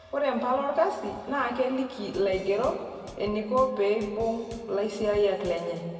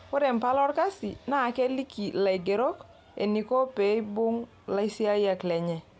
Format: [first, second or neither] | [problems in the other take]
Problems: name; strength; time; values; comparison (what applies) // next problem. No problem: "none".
second | background sound (Drum / Drum kit); 19 dB below the speech // room echo; dies away in 2 s